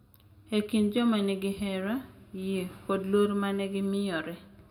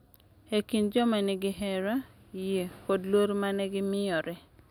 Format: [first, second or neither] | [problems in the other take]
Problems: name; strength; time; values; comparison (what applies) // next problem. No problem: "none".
second | room echo; dies away in 0.8 s